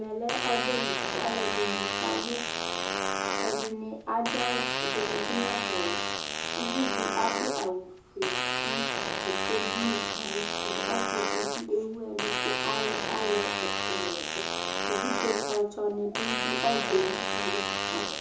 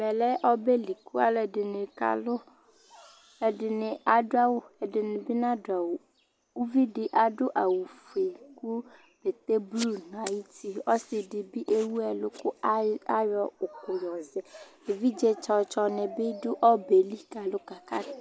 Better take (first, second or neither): second